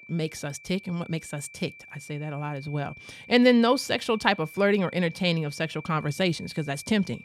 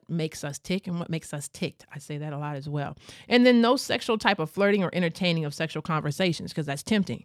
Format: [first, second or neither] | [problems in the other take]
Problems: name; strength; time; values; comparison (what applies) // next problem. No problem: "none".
second | high-pitched whine; noticeable; throughout; 2.5 kHz, 20 dB below the speech